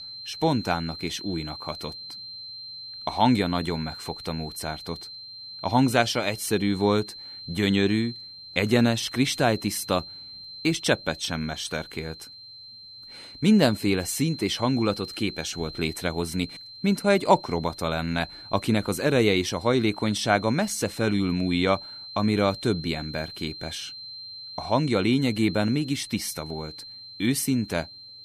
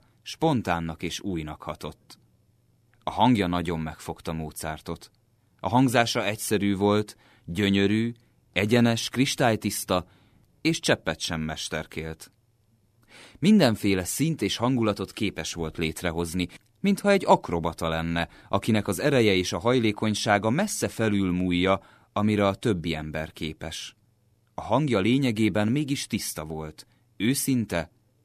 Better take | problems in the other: second | high-pitched whine; noticeable; throughout; 4 kHz, 15 dB below the speech

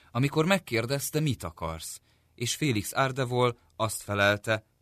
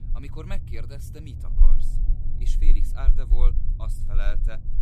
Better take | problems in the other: first | low rumble; loud; throughout; 7 dB below the speech

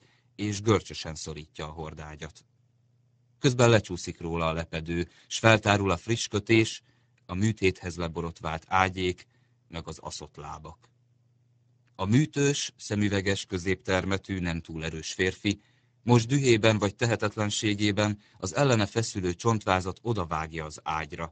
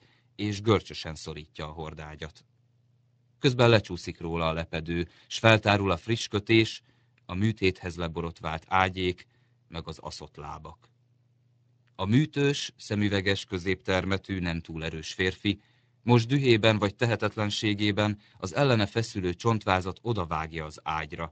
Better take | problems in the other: second | garbled, watery; badly; nothing above 7.5 kHz; slightly in the second

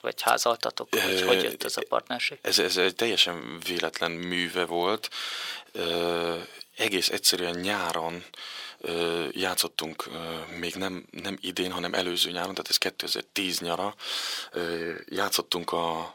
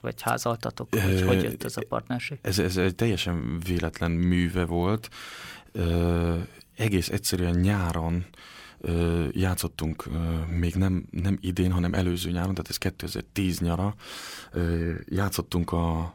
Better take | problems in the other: second | thin; very; fading below 500 Hz

